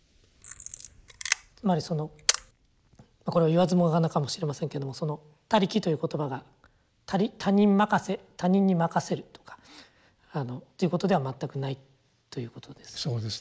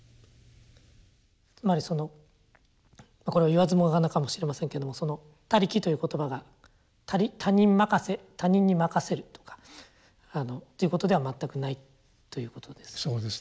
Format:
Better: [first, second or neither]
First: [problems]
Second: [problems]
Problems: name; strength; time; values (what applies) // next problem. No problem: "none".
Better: second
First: noise reduction (neural mask model Resemble Enhance denoiser)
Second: none